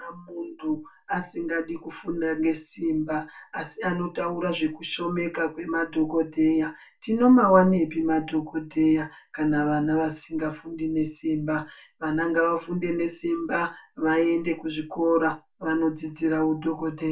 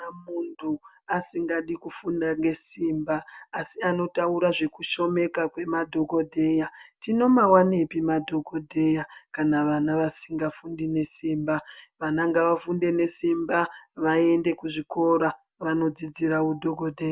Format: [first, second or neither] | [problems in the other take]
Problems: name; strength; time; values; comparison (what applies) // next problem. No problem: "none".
second | room echo; dies away in 0.2 s